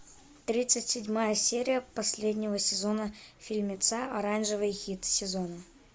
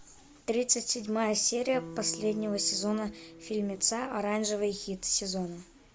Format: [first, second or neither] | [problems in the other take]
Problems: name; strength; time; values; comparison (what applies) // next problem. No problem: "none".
first | background sound (Electric guitar); 14 dB below the speech